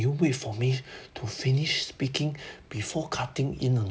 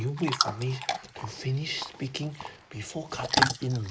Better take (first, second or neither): first